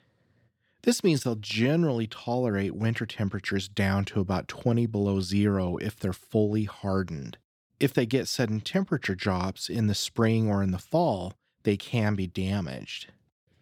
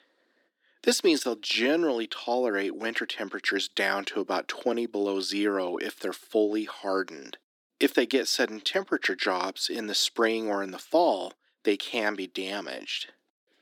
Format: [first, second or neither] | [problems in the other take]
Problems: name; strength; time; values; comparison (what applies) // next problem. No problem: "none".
first | thin; somewhat; fading below 300 Hz